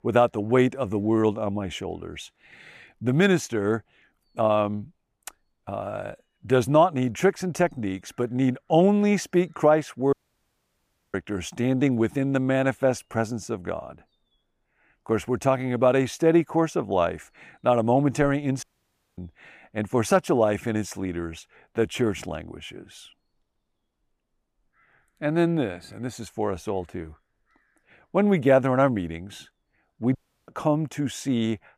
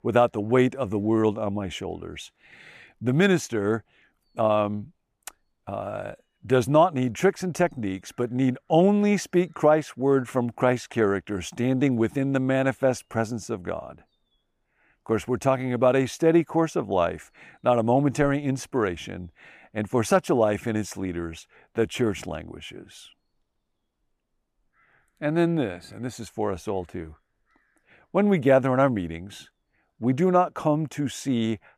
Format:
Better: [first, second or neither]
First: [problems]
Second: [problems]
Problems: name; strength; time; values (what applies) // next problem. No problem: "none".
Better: second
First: audio cutting out; at 10 s for 1 s, at 19 s for 0.5 s and at 30 s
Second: none